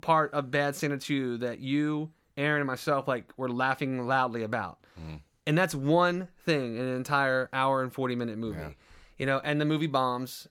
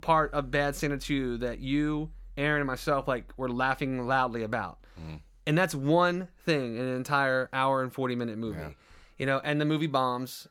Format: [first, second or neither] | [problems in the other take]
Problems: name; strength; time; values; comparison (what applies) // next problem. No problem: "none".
first | background music; faint; throughout; 25 dB below the speech